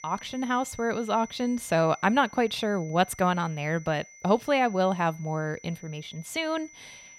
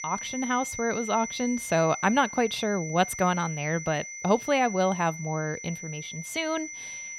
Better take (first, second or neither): first